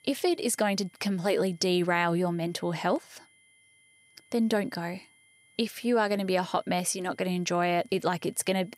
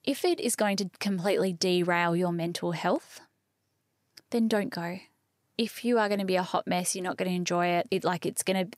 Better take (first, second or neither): second